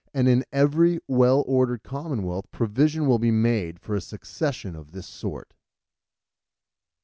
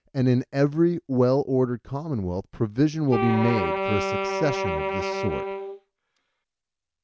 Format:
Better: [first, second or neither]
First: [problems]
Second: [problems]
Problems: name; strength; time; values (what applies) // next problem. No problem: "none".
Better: first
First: none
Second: background sound (Wind instrument, woodwind instrument); 3 dB below the speech